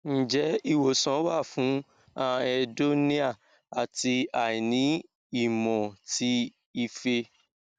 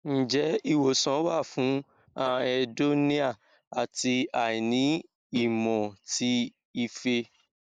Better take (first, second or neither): first